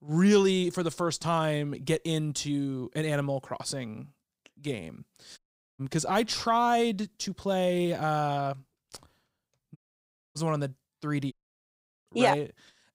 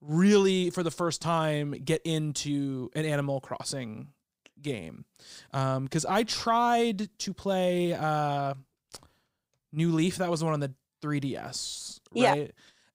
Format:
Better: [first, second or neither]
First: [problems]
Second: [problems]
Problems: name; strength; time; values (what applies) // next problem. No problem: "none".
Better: second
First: audio cutting out; at 5.5 s, at 10 s for 0.5 s and at 11 s for 0.5 s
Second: none